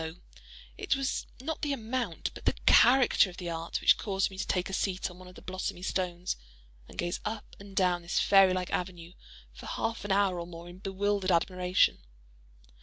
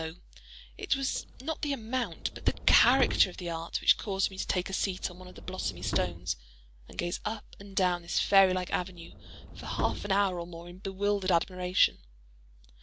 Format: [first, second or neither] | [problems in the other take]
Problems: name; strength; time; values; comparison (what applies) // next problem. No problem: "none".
first | background sound (Subway, metro, underground); 9 dB below the speech